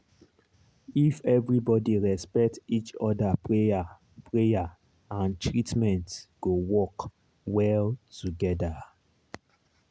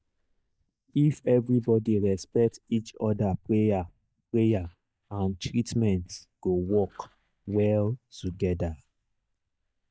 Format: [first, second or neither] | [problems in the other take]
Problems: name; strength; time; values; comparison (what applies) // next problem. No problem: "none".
first | noise reduction (neural mask model DeepFilterNet 3)